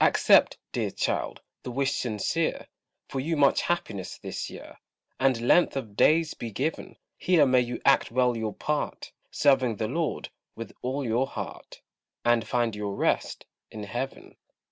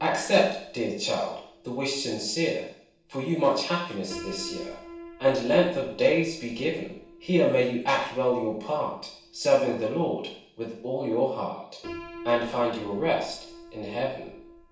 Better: first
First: none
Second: background sound (Piano); 19 dB below the speech // room echo; dies away in 0.7 s

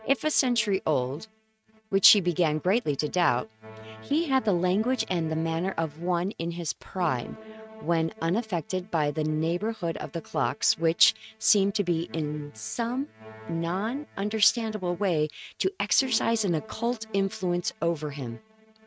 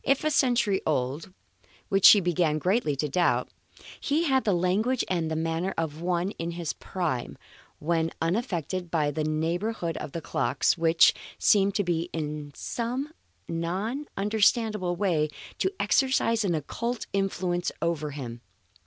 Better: second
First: noise reduction (neural mask model RNNoise)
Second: none

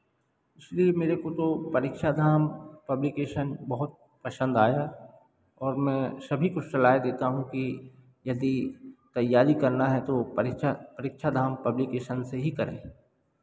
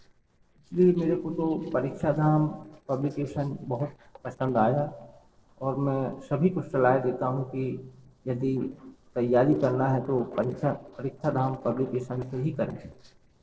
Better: first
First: none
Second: noise reduction (neural separator model SepFormer DNS4)

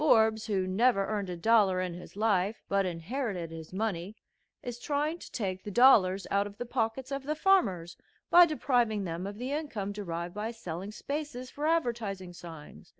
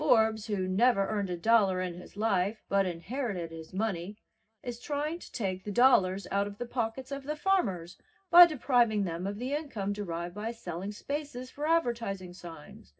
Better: first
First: none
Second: room echo; dies away in 0.4 s

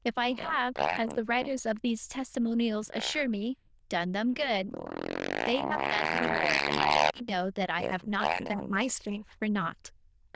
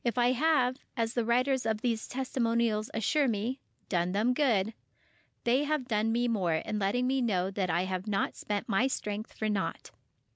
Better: second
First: noise reduction (neural diffusion model UNIVERSE++)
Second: none

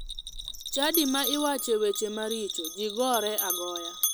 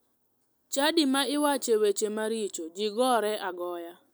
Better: second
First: background sound (Bell + Bell); 4 dB below the speech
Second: none

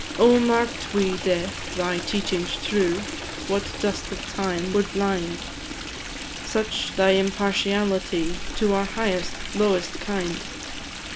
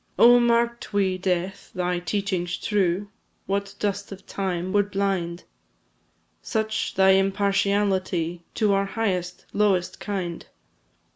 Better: second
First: background sound (Stream); 8 dB below the speech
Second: none

